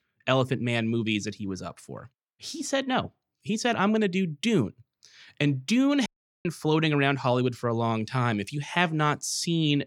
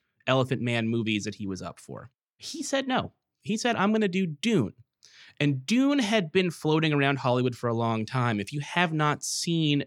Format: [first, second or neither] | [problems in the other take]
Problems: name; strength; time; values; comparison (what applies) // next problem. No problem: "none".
second | audio cutting out; at 6 s